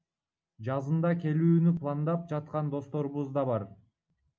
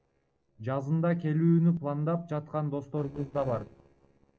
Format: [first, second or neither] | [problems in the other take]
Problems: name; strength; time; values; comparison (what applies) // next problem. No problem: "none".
first | noise reduction (neural separator model SepFormer DNS4)